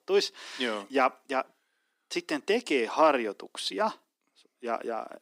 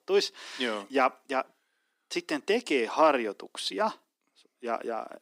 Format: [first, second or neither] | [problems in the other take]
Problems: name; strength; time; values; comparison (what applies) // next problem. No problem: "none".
neither | thin; somewhat; fading below 300 Hz; the same in both